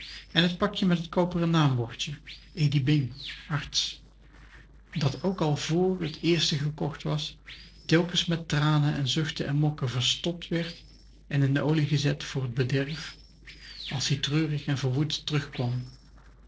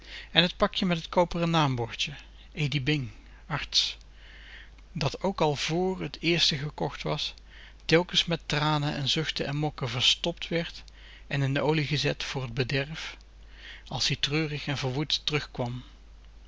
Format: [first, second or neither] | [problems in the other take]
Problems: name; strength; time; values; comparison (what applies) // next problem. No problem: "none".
second | noise reduction (neural separator model SepFormer DNS4)